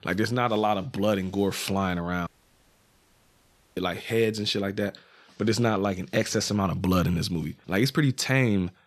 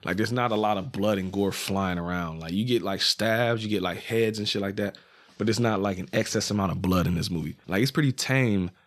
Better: second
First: audio cutting out; at 2.5 s for 1.5 s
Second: none

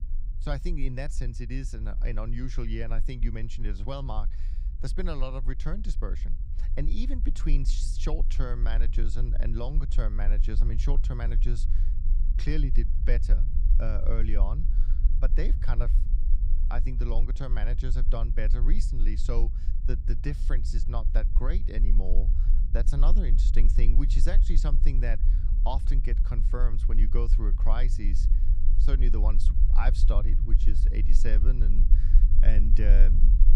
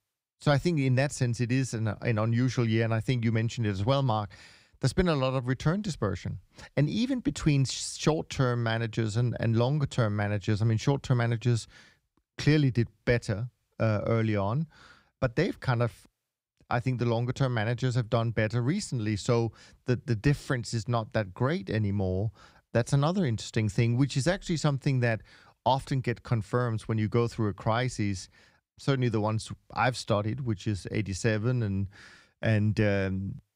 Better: second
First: low rumble; noticeable; throughout; 10 dB below the speech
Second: none

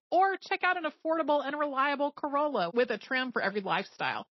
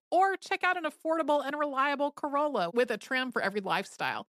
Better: second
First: garbled, watery; slightly; nothing above 5.5 kHz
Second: none

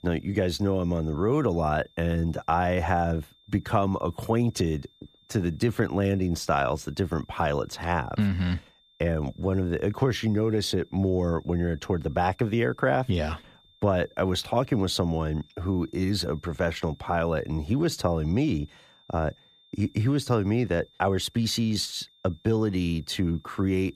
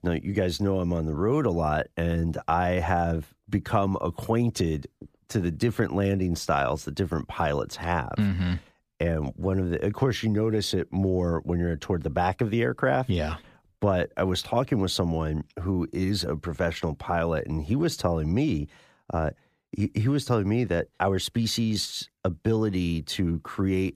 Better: second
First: high-pitched whine; faint; throughout; 3.5 kHz, 30 dB below the speech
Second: none

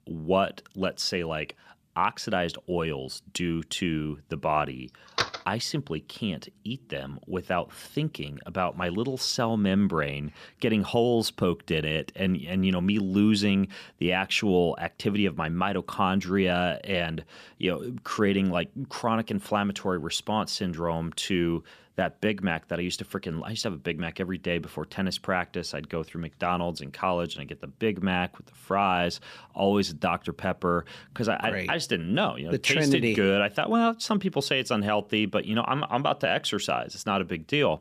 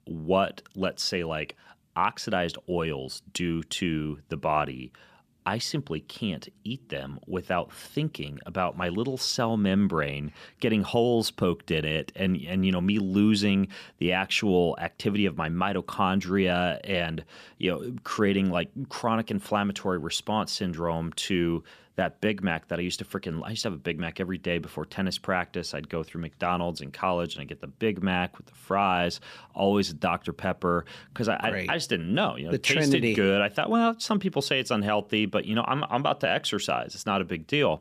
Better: second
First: door banging; noticeable; at 5 s; peak 2 dB below the speech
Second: none

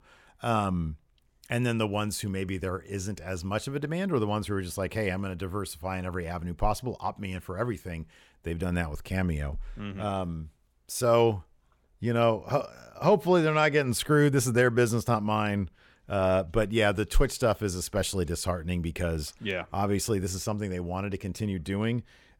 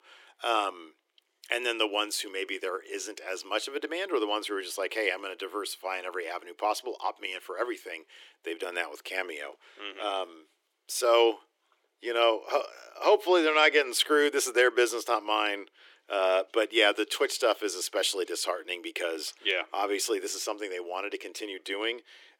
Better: first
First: none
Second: thin; very; fading below 300 Hz

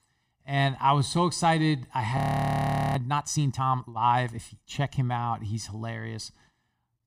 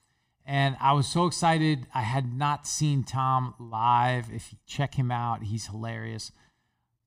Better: second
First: audio freezing; at 2 s for 1 s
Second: none

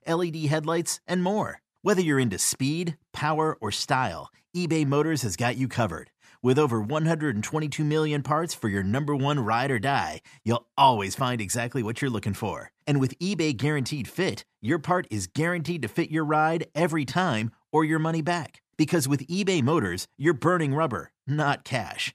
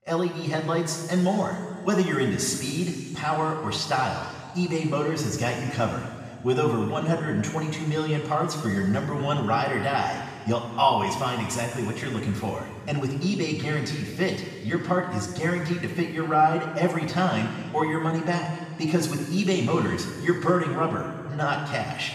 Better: first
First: none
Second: room echo; noticeable; dies away in 2.1 s // off-mic speech; far

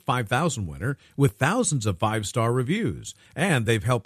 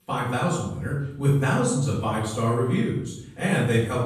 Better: first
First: none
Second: room echo; noticeable; dies away in 0.7 s // off-mic speech; far

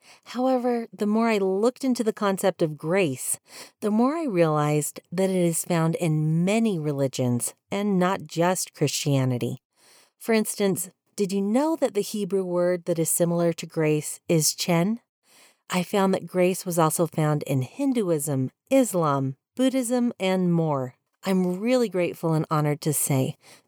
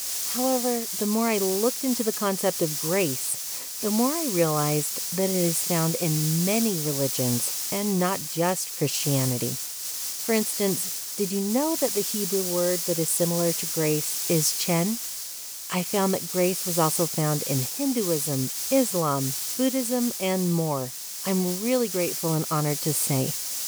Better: first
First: none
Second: hiss; loud; throughout; 2 dB below the speech

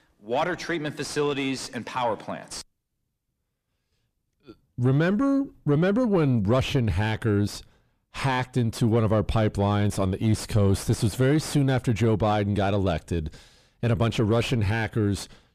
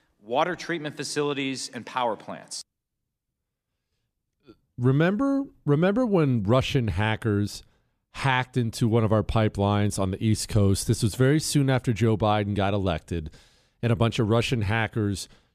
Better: second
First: distortion; slight; 10 dB below the speech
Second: none

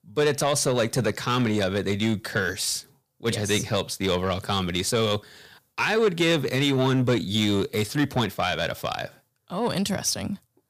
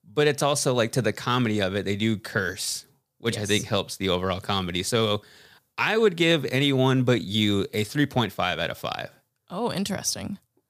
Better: second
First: distortion; slight; 10 dB below the speech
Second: none

